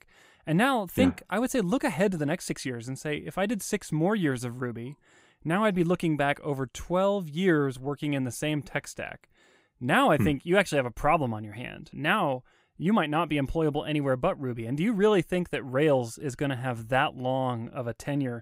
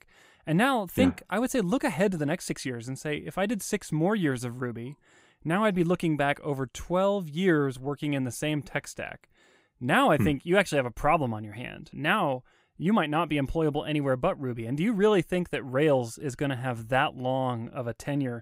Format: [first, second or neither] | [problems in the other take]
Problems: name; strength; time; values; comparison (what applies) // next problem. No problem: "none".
neither | none